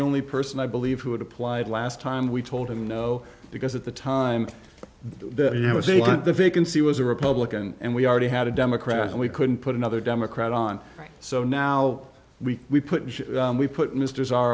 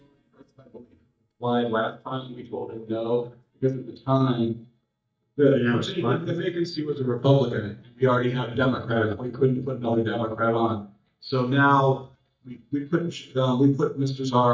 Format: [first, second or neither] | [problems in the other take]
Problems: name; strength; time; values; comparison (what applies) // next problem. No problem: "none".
first | noise reduction (neural mask model DeepFilterNet 3)